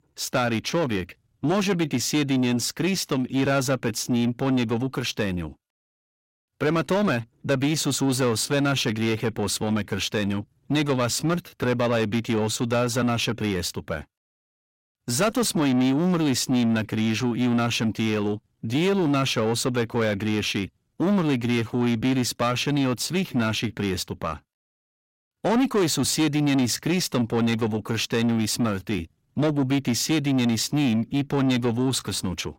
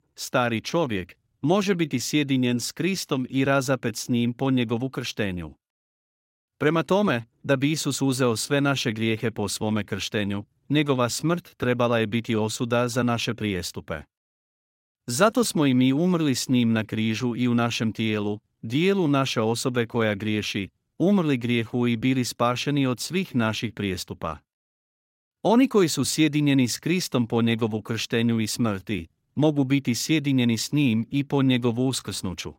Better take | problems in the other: second | distortion; slight; 10 dB below the speech

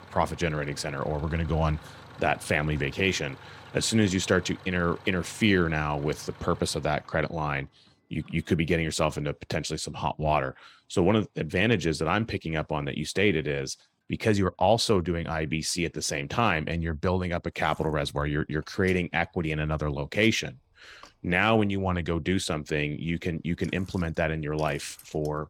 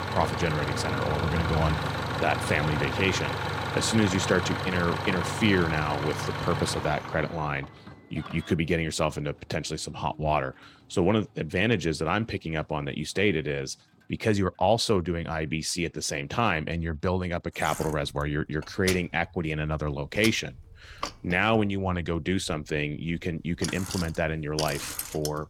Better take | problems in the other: first | traffic noise; loud; throughout; 4 dB below the speech; faint in the first

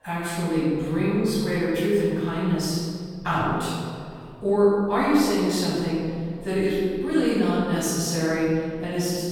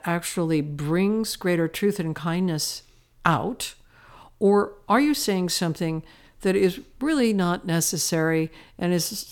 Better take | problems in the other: second | off-mic speech; far // room echo; strong; dies away in 2.1 s

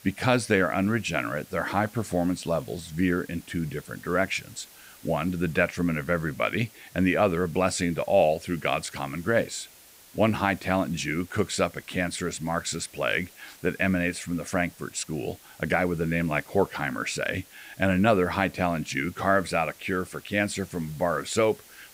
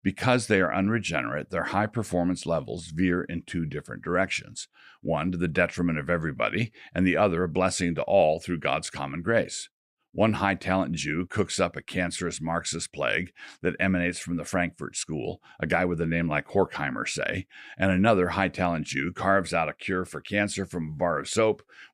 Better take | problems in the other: second | hiss; faint; throughout; 20 dB below the speech

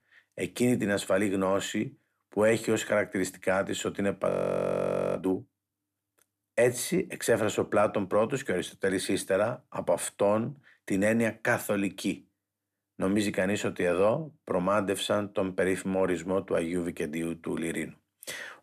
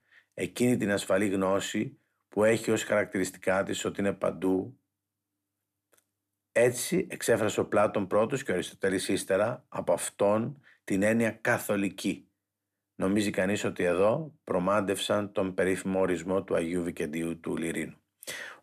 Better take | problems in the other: second | audio freezing; at 4.5 s for 1 s

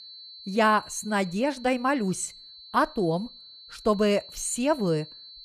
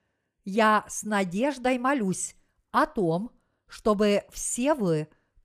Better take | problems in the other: second | high-pitched whine; noticeable; throughout; 4 kHz, 15 dB below the speech

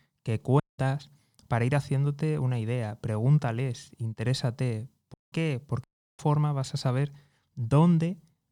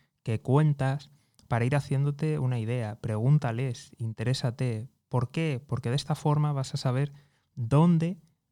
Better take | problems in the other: second | audio cutting out; at 0.5 s, at 5 s and at 6 s

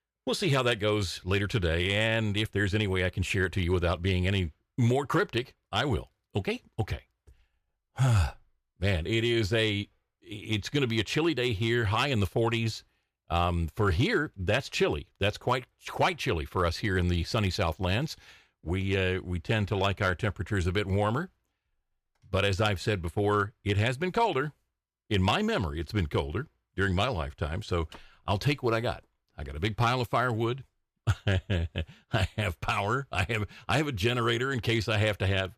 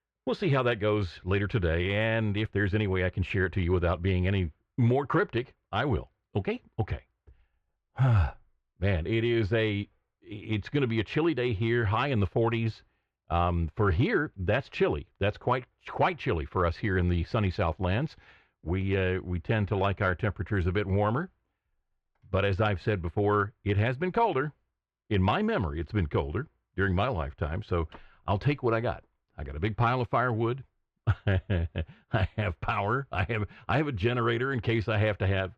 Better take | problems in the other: first | muffled; slightly; fading above 2 kHz

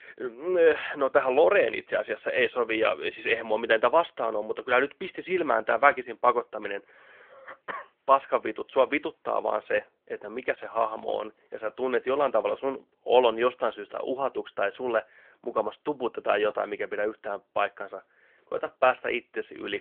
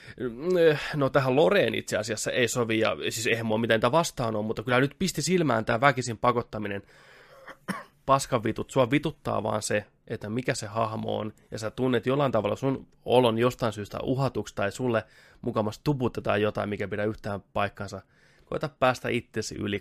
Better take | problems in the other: second | phone-call audio; nothing above 3.5 kHz

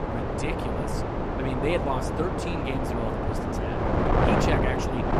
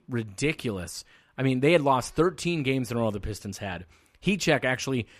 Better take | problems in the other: second | wind noise on the microphone; heavy; 5 dB above the speech

